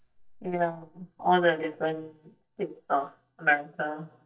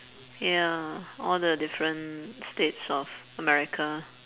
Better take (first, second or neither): second